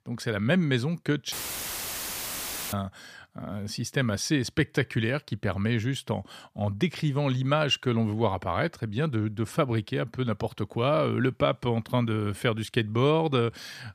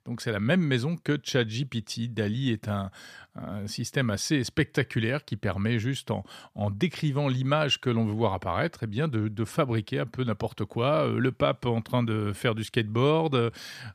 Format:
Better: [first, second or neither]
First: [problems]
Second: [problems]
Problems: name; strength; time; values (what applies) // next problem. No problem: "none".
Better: second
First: audio cutting out; filled with static; at 1.5 s for 1.5 s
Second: none